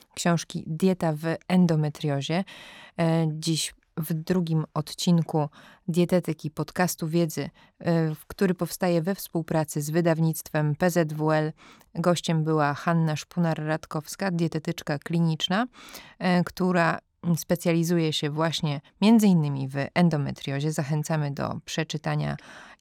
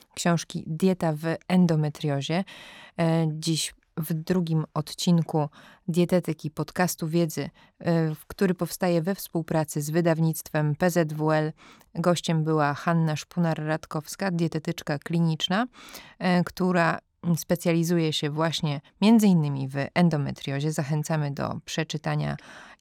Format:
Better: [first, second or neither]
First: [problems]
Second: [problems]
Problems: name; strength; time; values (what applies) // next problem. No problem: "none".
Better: neither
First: none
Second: none